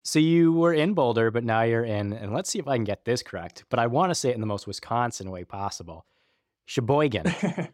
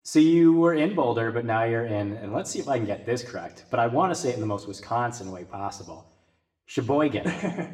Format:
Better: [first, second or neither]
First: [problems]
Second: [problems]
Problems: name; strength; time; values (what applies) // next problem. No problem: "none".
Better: first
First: none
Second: room echo; very slight; dies away in 0.7 s // off-mic speech; somewhat distant